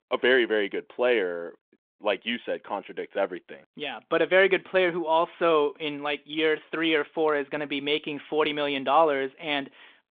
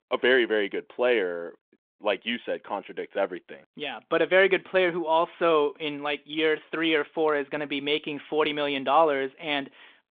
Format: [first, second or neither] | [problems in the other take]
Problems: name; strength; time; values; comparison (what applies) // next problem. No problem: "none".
neither | phone-call audio; nothing above 3.5 kHz; the same in both